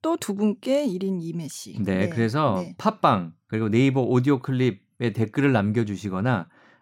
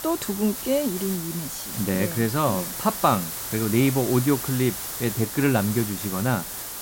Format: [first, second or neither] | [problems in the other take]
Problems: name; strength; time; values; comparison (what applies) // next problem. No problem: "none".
first | hiss; loud; throughout; 6 dB below the speech